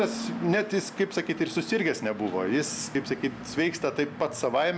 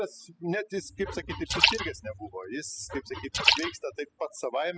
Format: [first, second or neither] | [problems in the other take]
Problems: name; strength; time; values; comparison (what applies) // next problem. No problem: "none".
first | noise reduction (classical method spectral subtraction)